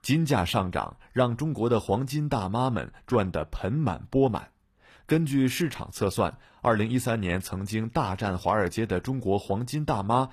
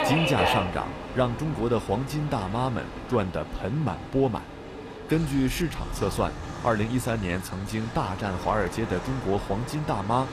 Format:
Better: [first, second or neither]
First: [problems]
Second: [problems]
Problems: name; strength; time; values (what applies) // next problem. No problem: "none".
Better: first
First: none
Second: train or aircraft noise; loud; throughout; 6 dB below the speech